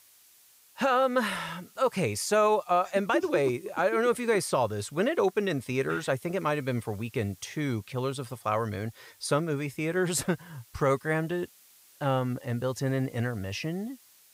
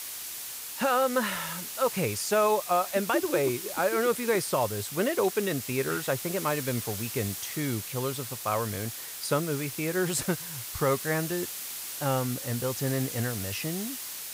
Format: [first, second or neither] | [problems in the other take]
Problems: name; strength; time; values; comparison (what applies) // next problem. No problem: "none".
first | hiss; loud; throughout; 6 dB below the speech; faint in the first